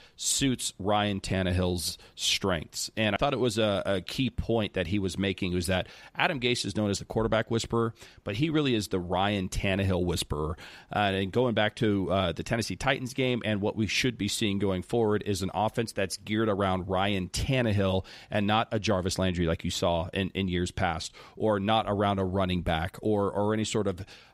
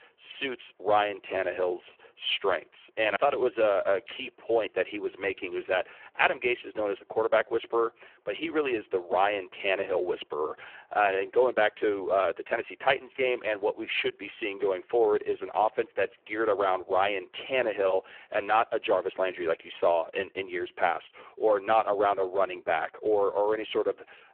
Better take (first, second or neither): first